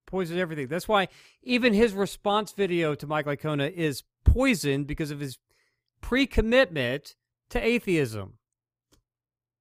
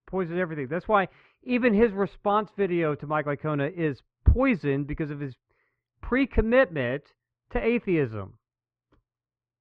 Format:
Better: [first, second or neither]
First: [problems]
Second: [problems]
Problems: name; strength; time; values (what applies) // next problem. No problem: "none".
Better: first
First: none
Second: muffled; very; fading above 2 kHz